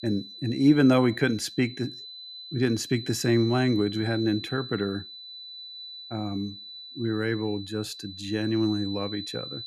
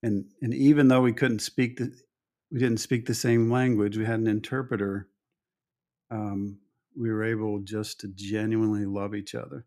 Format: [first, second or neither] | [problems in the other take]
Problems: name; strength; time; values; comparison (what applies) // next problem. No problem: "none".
second | high-pitched whine; noticeable; throughout; 4 kHz, 10 dB below the speech